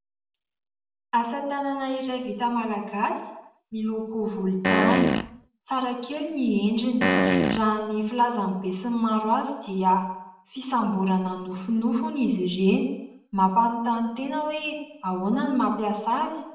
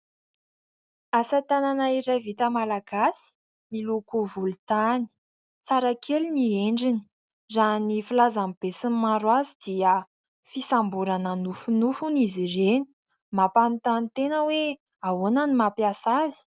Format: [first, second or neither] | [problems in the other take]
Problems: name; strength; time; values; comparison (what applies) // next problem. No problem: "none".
second | background sound (Fart); 3 dB above the speech // room echo; dies away in 0.7 s